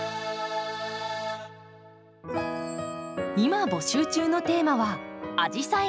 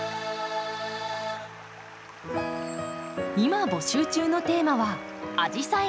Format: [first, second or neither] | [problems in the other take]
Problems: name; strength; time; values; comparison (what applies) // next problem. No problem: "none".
first | background sound (Stream); 17 dB below the speech